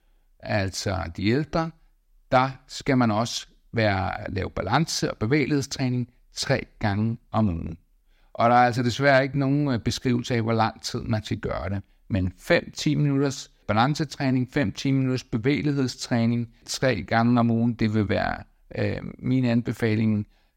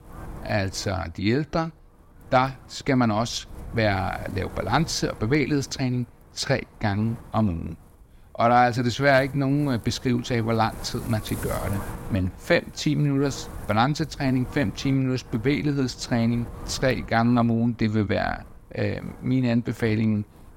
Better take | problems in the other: first | wind noise on the microphone; occasional gusts; 20 dB below the speech

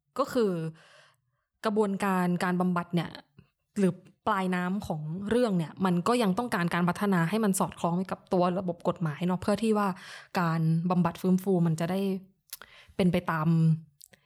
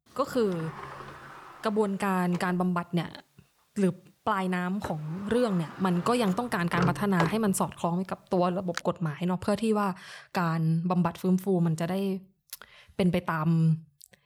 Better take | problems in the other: first | door banging; noticeable; from 0.5 to 9 s; peak 3 dB below the speech

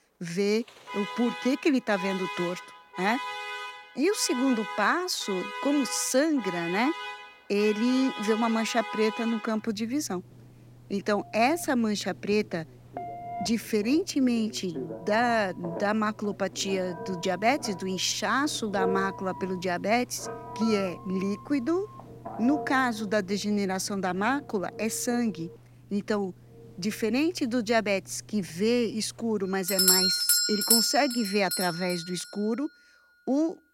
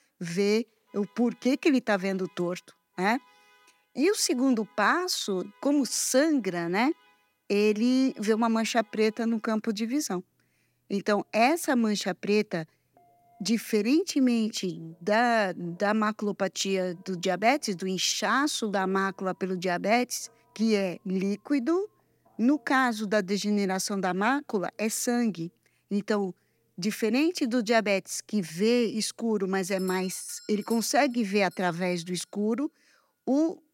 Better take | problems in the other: second | alarms or sirens; loud; throughout; 3 dB below the speech; faint in the second

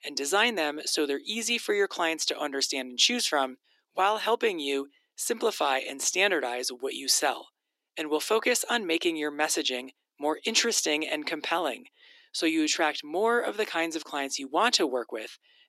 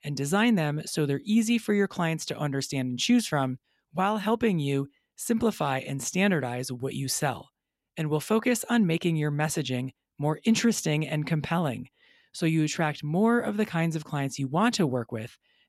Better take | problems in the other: second | thin; very; fading below 300 Hz

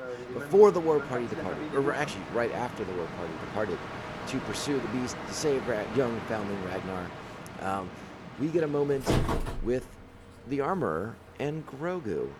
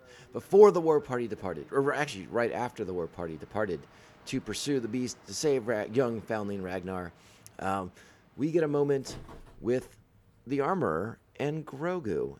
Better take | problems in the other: second | train or aircraft noise; loud; throughout; 7 dB below the speech; faint in the second

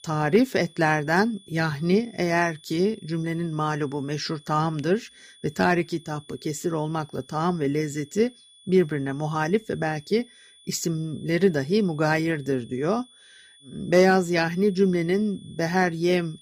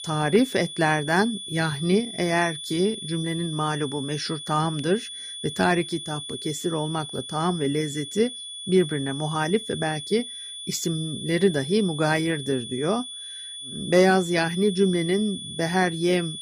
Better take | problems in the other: first | high-pitched whine; loud; throughout; 3.5 kHz, 9 dB below the speech; faint in the first

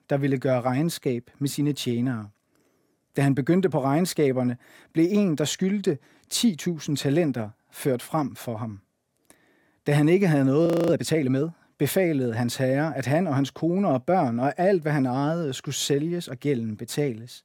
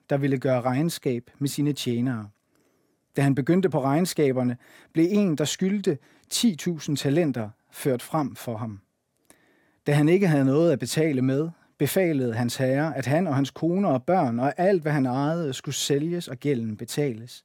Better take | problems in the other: second | audio freezing; at 11 s

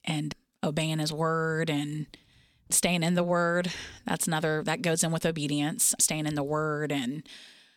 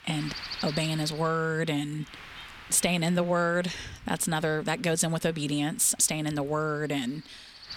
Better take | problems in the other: first | wind noise on the microphone; occasional gusts; 15 dB below the speech

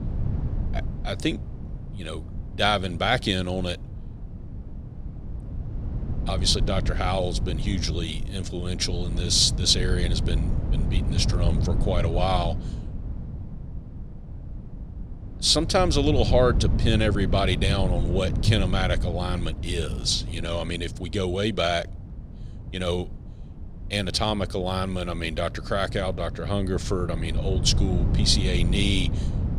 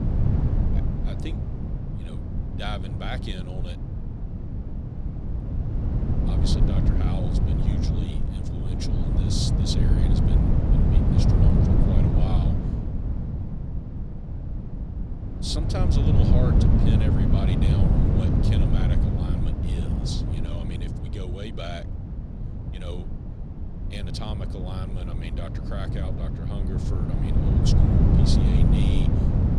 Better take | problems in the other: first | wind noise on the microphone; heavy; 3 dB above the speech; occasional gusts in the first

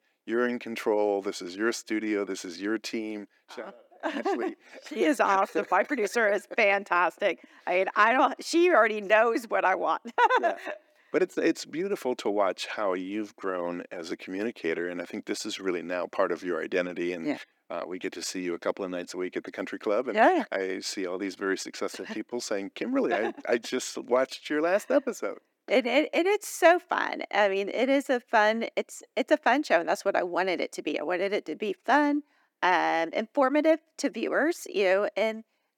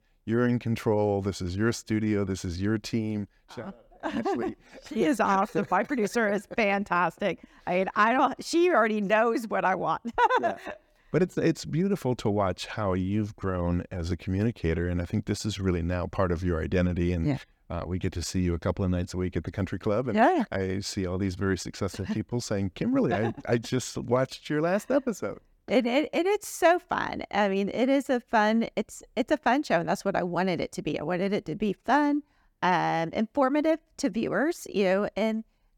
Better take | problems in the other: second | thin; somewhat; fading below 300 Hz

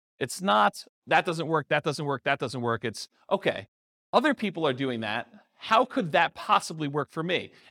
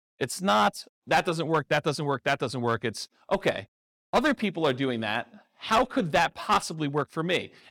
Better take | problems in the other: first | distortion; slight; 3% of the sound clipped

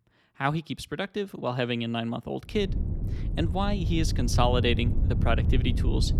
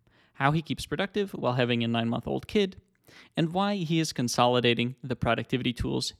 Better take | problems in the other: second | low rumble; noticeable; from 2.5 s on; 10 dB below the speech

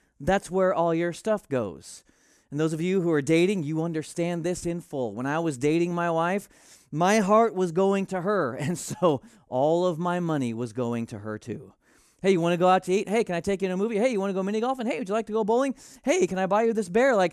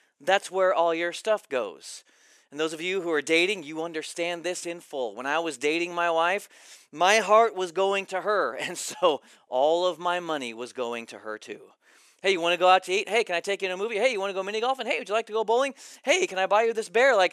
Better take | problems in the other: first | thin; very; fading below 500 Hz

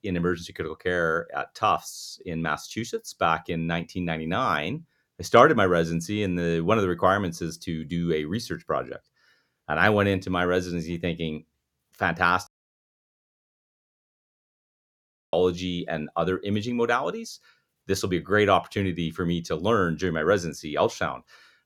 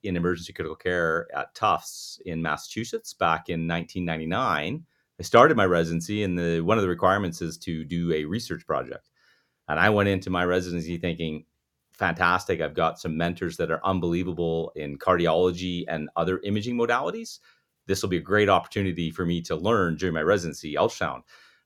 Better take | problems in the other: second | audio cutting out; at 12 s for 3 s

